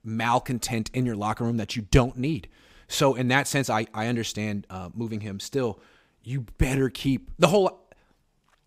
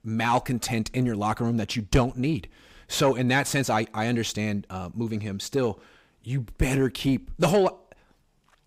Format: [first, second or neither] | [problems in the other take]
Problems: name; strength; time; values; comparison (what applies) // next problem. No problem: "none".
first | distortion; slight; 10 dB below the speech